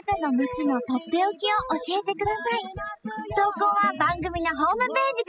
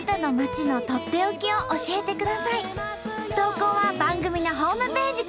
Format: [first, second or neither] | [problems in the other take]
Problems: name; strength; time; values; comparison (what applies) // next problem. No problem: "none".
second | noise reduction (classical method spectral subtraction)